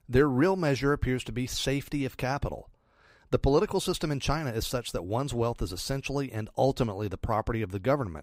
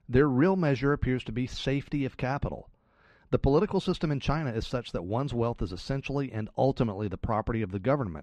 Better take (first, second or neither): first